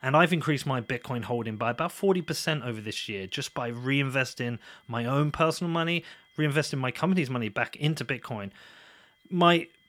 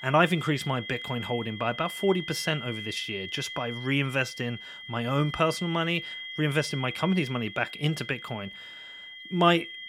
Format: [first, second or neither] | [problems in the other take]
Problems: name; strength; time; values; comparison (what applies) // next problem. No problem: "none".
first | high-pitched whine; loud; throughout; 2 kHz, 9 dB below the speech; faint in the first